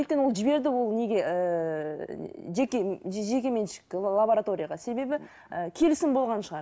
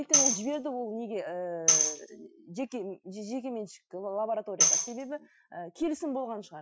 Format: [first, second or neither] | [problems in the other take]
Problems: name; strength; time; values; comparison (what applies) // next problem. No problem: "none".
first | noise reduction (classical method Wiener filter)